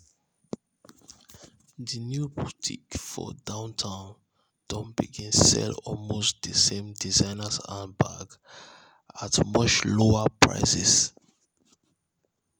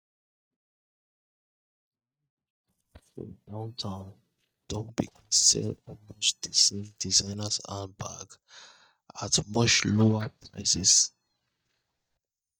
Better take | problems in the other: first | noise reduction (neural mask model DeepFilterNet 3)

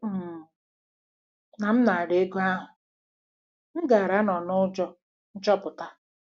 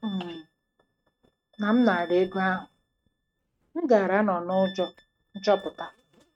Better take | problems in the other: first | noise reduction (neural mask model RNNoise)

